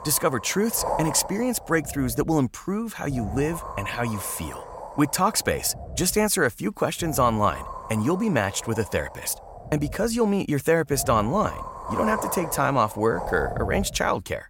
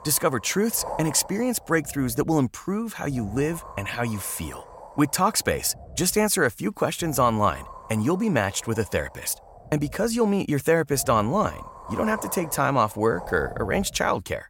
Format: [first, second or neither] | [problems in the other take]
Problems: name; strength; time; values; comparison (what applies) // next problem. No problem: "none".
second | wind noise on the microphone; heavy; 8 dB below the speech; occasional gusts in the second